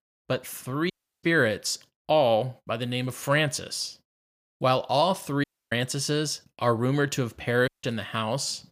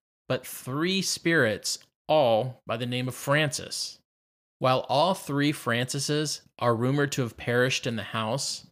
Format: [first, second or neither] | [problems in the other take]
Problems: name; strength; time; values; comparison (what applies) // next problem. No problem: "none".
second | audio cutting out; at 1 s, at 5.5 s and at 7.5 s